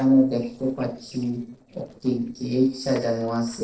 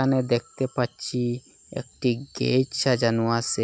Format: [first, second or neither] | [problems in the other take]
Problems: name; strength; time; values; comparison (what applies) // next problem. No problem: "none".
second | noise reduction (neural separator model SepFormer DNS4)